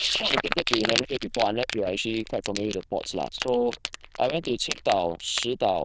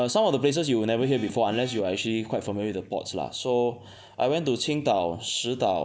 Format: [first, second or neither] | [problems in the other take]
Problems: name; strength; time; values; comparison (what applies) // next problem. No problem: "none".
second | noise reduction (neural diffusion model UNIVERSE++)